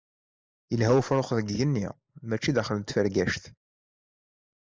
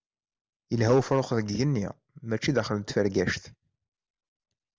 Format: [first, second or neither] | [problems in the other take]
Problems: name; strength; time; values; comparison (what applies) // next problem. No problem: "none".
second | noise reduction (neural mask model Resemble Enhance denoiser)